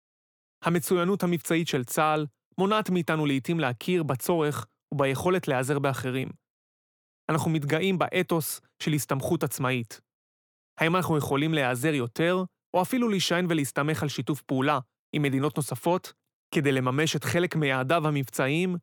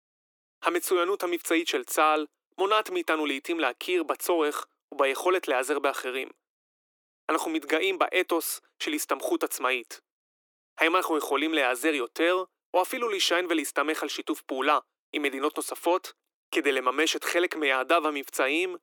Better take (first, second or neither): first